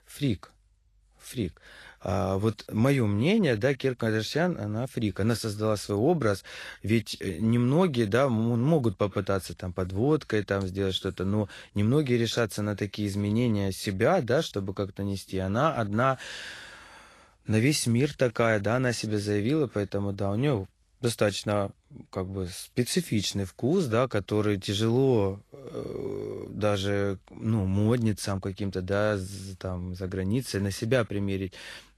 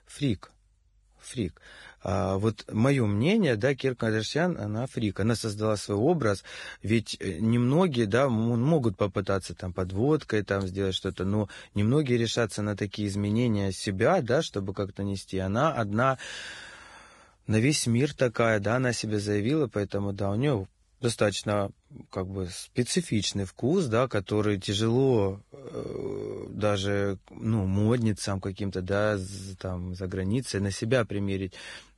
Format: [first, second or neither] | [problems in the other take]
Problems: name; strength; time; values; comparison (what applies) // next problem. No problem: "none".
first | garbled, watery; badly; nothing above 10.5 kHz; slightly in the first